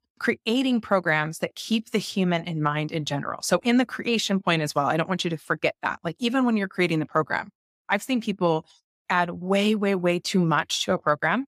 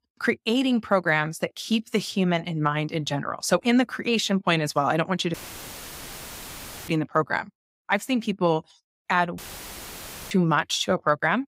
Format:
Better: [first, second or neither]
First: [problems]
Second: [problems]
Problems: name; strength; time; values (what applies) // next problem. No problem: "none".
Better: first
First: none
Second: audio cutting out; filled with static; at 5.5 s for 1.5 s and at 9.5 s for 1 s